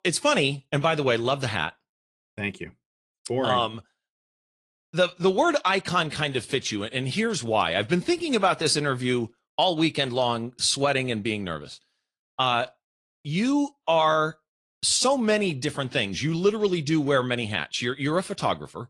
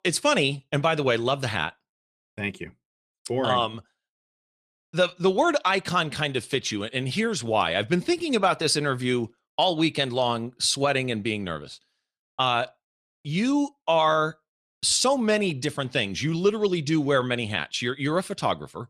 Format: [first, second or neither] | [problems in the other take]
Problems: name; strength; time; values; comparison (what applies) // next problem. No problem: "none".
second | garbled, watery; slightly